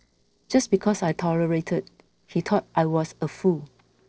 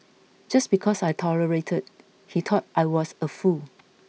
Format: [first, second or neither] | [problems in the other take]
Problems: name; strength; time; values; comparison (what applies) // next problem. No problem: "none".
second | noise reduction (neural separator model SepFormer DNS4)